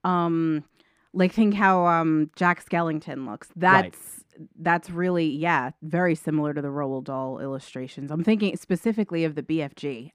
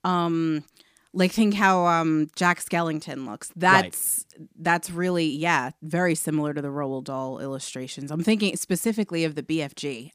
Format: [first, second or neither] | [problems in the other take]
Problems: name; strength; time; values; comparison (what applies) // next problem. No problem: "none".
second | muffled; slightly; fading above 3.5 kHz